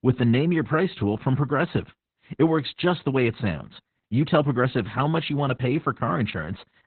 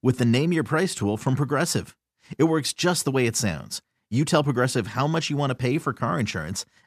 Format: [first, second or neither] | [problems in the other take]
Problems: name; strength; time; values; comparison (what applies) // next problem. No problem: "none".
second | garbled, watery; badly; nothing above 4 kHz